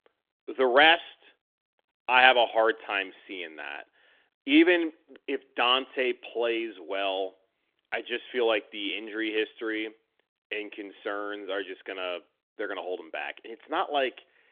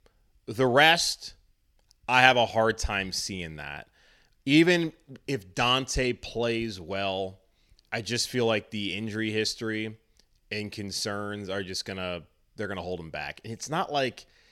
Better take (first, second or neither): second